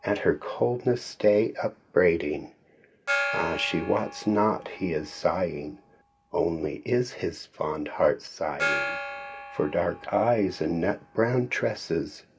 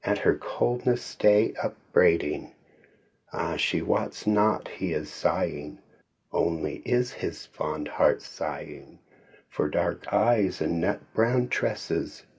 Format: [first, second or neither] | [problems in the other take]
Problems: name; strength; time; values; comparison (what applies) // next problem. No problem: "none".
second | background sound (Gong); 10 dB below the speech